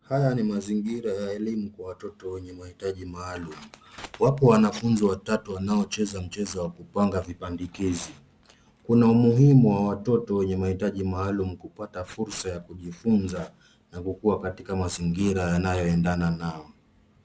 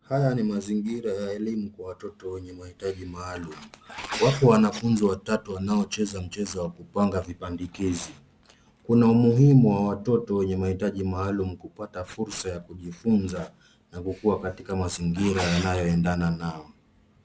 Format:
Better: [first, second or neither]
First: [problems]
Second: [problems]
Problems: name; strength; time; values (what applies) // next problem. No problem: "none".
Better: first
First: none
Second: background sound (Sneeze); 14 dB below the speech